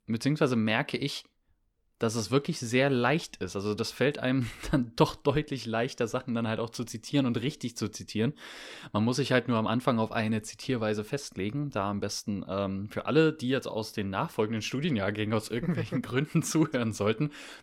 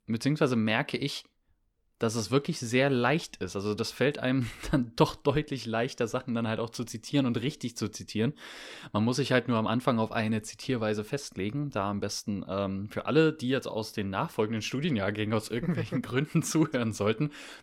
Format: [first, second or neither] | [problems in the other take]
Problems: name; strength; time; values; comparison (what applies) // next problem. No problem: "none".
neither | none